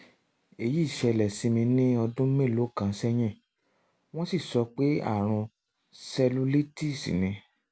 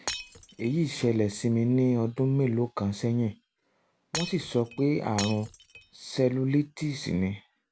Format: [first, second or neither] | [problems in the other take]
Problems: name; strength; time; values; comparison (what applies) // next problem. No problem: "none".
first | background sound (Shatter); 12 dB below the speech